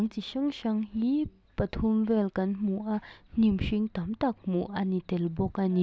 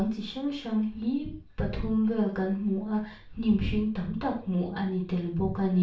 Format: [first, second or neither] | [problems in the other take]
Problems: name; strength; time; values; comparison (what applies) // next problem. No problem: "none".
first | room echo; dies away in 0.4 s